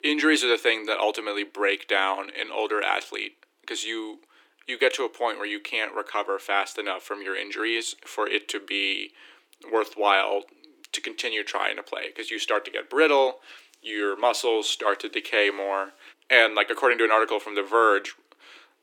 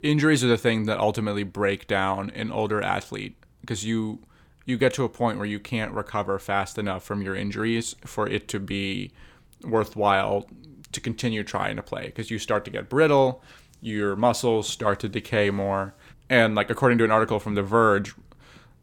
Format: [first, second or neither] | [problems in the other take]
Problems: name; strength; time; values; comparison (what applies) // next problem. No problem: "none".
second | thin; somewhat; fading below 300 Hz